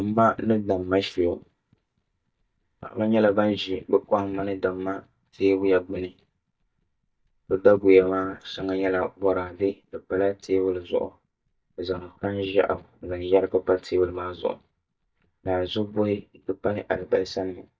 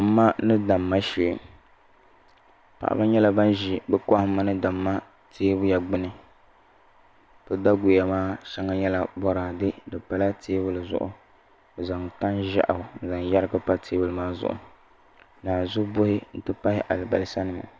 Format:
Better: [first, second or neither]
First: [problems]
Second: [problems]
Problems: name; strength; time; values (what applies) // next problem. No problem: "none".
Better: second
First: noise reduction (neural mask model DeepFilterNet 3)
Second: none